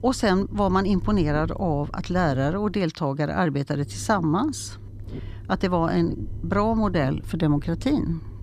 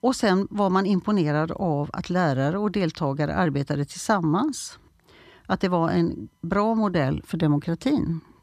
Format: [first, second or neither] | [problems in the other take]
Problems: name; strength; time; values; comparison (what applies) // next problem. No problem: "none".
second | low rumble; faint; until 3 s and from 3.5 s on; 20 dB below the speech